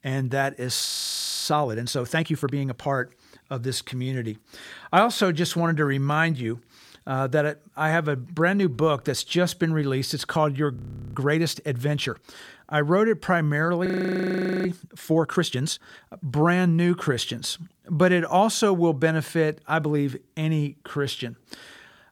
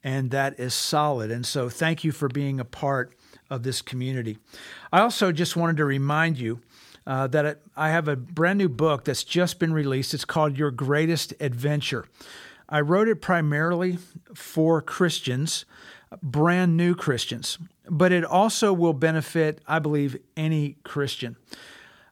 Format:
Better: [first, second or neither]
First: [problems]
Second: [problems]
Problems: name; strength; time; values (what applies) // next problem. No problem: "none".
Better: second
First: audio freezing; at 1 s for 0.5 s, at 11 s and at 14 s for 1 s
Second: none